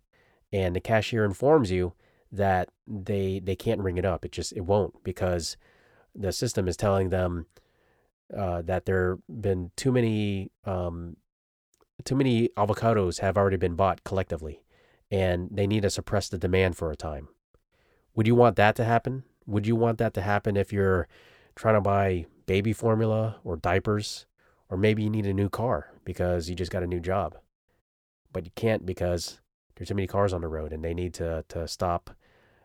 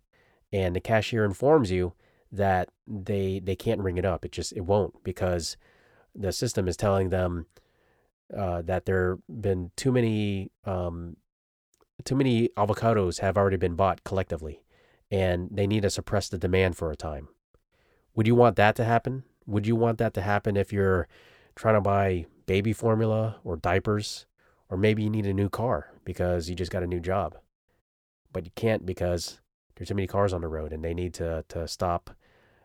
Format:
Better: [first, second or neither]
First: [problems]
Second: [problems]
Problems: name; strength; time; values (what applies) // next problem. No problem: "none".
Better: neither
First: none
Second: none